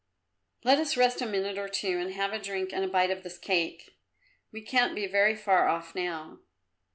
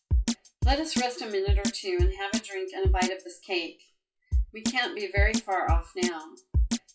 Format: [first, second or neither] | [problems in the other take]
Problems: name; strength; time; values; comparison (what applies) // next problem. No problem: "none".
first | noise reduction (classical method WPE with log-MMSE)